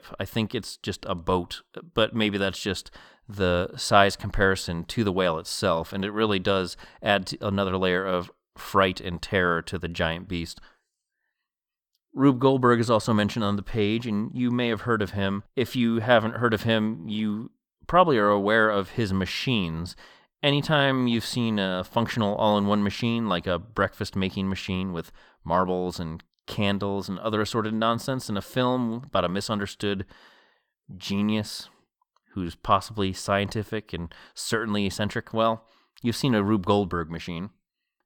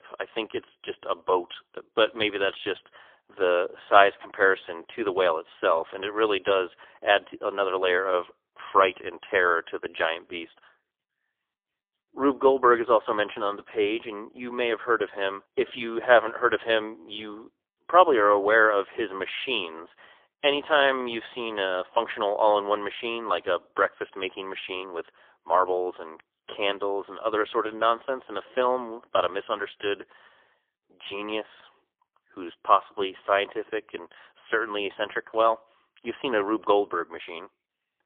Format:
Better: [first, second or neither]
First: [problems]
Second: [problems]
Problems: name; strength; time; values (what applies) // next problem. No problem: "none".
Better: first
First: none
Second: phone-call audio; poor line; nothing above 3.5 kHz